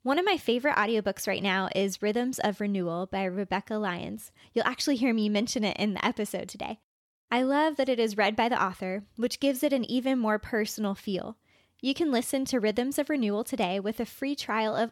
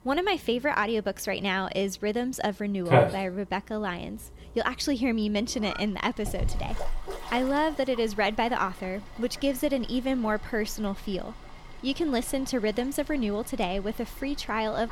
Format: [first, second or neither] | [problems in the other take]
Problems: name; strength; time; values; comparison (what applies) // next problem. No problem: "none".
first | animal sounds; loud; throughout; 5 dB below the speech